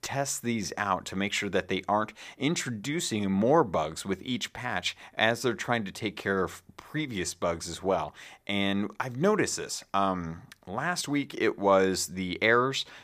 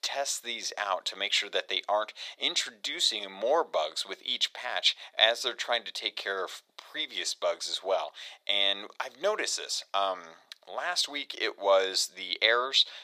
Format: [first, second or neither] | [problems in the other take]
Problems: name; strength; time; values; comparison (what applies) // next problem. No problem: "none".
first | thin; very; fading below 450 Hz